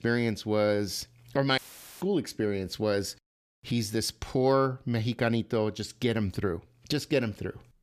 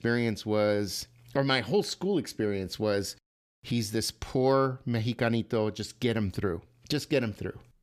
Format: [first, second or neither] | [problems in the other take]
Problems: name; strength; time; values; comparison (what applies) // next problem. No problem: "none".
second | audio cutting out; filled with static; at 1.5 s